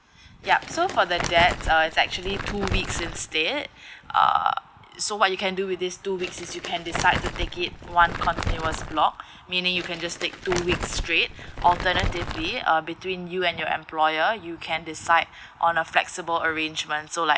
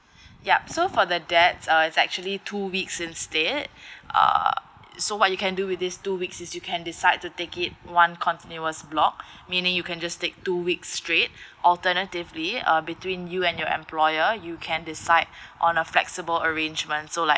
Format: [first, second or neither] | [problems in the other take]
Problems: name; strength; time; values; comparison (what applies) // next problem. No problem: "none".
second | background sound (Crumpling, crinkling); 6 dB below the speech